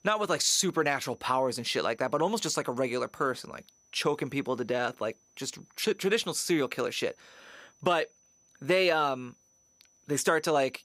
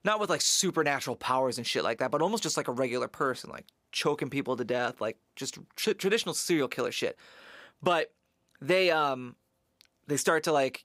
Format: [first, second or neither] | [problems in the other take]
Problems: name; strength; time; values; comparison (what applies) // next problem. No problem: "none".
second | high-pitched whine; faint; throughout; 6 kHz, 35 dB below the speech